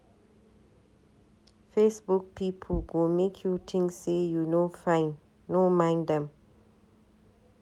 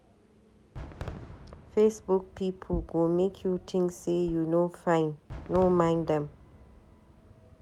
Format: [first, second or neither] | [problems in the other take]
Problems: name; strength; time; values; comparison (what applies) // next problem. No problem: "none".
first | background sound (Fireworks); 17 dB below the speech